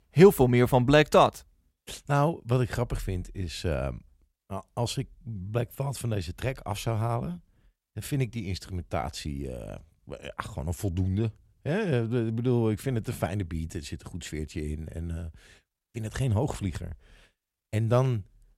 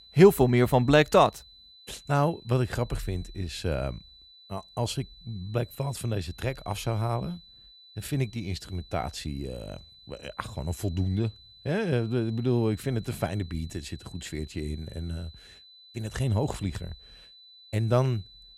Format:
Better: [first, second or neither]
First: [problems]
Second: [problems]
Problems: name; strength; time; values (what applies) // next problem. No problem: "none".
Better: first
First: none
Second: high-pitched whine; faint; throughout; 4 kHz, 20 dB below the speech